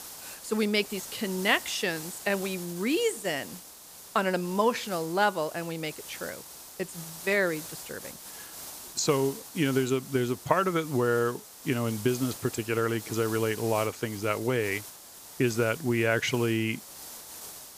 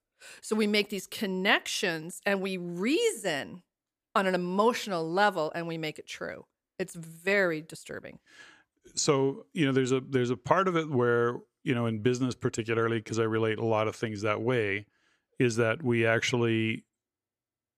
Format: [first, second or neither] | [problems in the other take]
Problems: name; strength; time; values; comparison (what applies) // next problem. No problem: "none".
second | hiss; noticeable; throughout; 15 dB below the speech